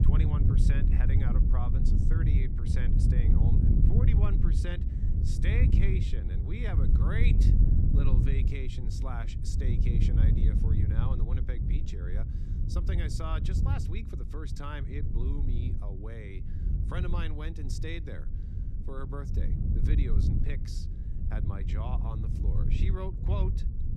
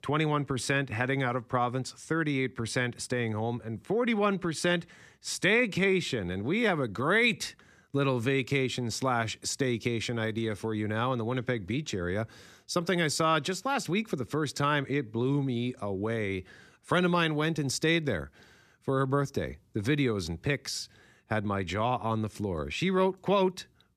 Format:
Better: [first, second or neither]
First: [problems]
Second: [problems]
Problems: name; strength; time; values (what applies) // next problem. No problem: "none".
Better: second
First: wind noise on the microphone; heavy; as loud as the speech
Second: none